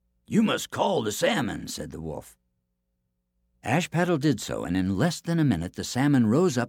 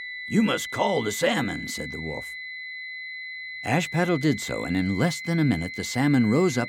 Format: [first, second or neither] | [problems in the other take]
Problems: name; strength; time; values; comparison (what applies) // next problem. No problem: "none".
first | high-pitched whine; loud; throughout; 2 kHz, 9 dB below the speech